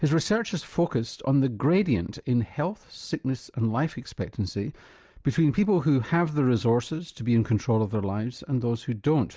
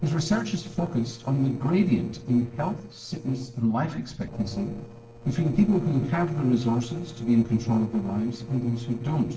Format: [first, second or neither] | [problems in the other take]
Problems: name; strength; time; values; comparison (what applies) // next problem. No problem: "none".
first | noise reduction (neural separator model SepFormer DNS4)